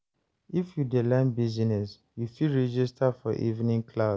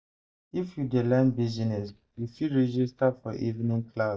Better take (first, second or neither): first